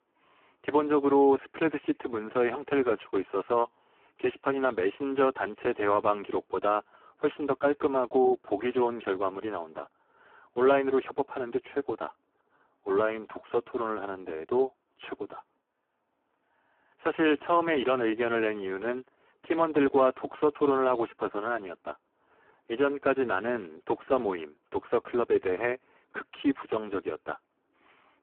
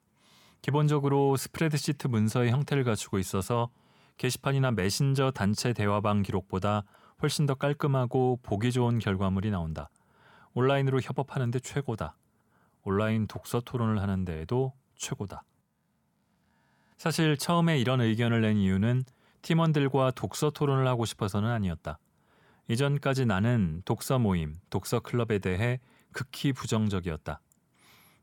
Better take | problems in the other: second | phone-call audio; poor line

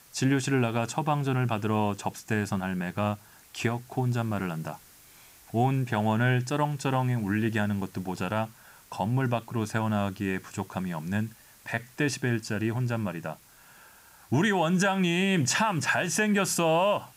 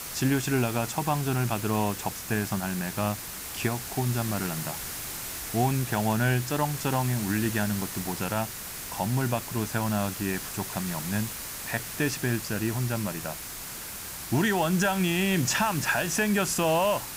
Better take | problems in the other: first | hiss; loud; throughout; 7 dB below the speech; faint in the first

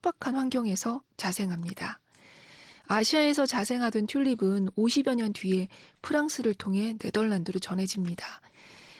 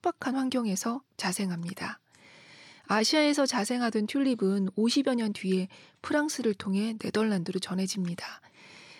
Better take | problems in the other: second | garbled, watery; slightly; nothing above 17.5 kHz

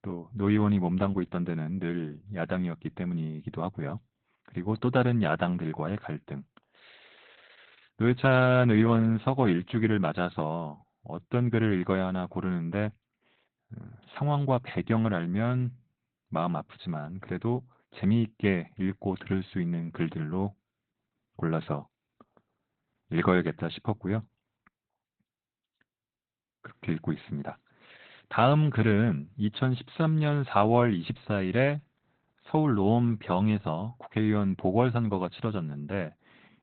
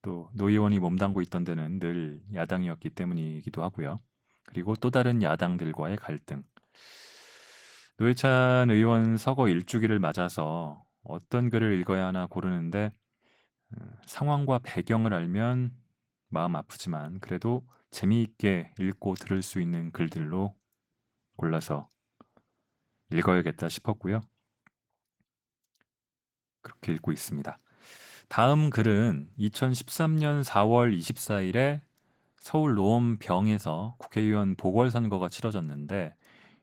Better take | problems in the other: second | garbled, watery; badly; nothing above 4 kHz; slightly in the second

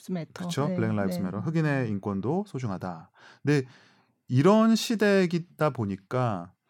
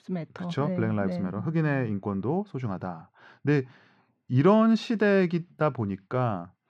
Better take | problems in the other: first | muffled; slightly; fading above 3 kHz

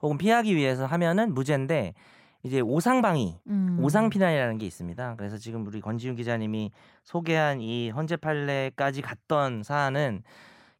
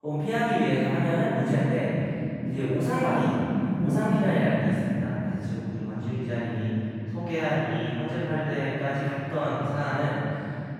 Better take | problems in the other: first | off-mic speech; far // room echo; strong; dies away in 3 s

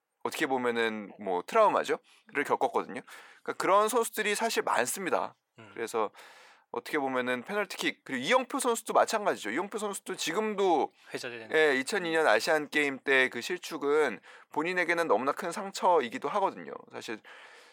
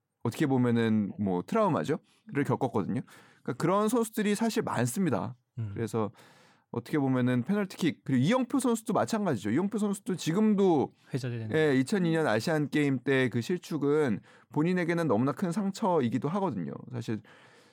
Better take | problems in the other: second | thin; very; fading below 600 Hz

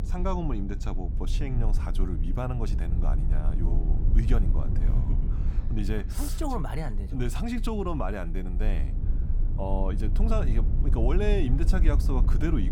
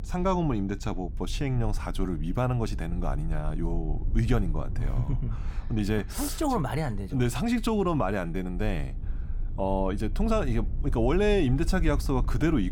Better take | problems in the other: second | low rumble; loud; throughout; 10 dB below the speech; faint in the second

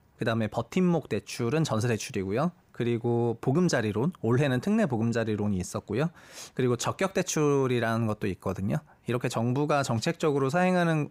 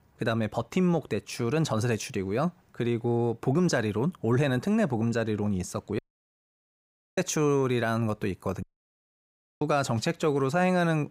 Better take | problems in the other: first | audio cutting out; at 6 s for 1 s and at 8.5 s for 1 s

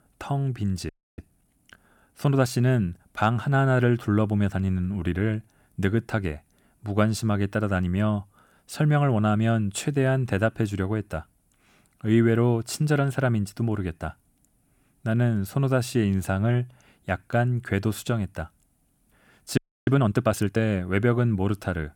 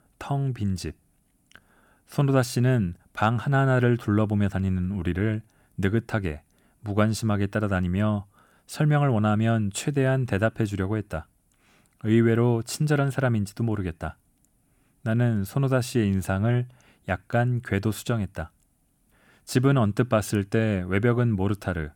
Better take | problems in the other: second | audio freezing; at 1 s and at 20 s

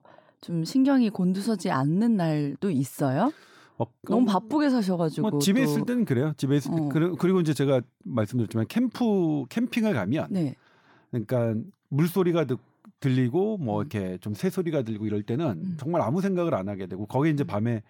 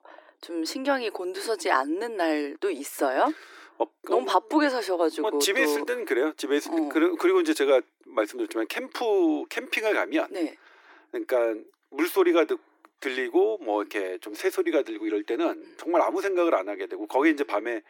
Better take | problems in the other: first | thin; very; fading below 300 Hz

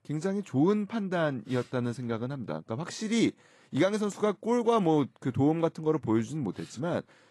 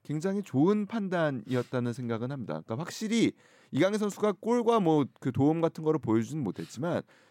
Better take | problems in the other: second | garbled, watery; slightly; nothing above 11.5 kHz

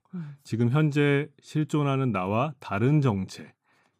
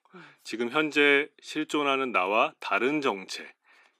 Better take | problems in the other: first | thin; somewhat; fading below 300 Hz

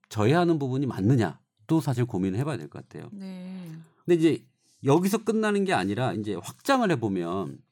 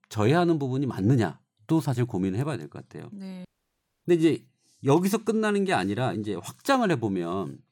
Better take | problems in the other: first | audio cutting out; at 3.5 s for 0.5 s

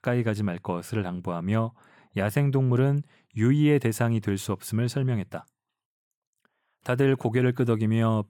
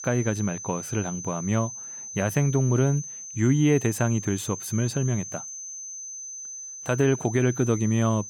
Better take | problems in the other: first | high-pitched whine; loud; throughout; 6 kHz, 10 dB below the speech

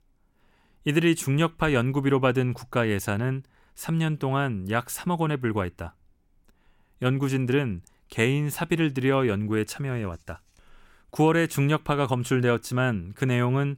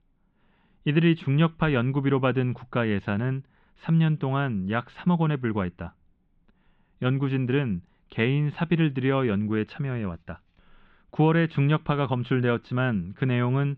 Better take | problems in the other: first | muffled; very; fading above 3.5 kHz

